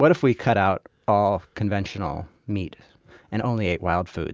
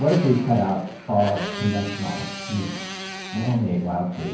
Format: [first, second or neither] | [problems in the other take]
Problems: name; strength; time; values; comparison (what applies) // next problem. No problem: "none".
first | background sound (Motorcycle); 11 dB below the speech // room echo; dies away in 0.9 s